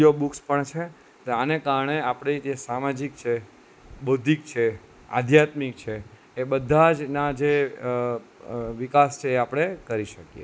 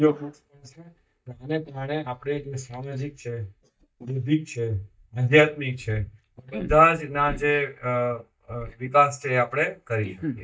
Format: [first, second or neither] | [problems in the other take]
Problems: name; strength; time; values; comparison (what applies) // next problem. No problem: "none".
first | noise reduction (neural mask model DeepFilterNet 3)